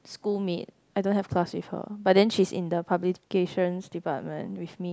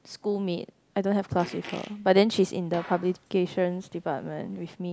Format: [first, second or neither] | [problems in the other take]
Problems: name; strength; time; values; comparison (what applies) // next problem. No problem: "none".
first | background sound (Fart); 20 dB below the speech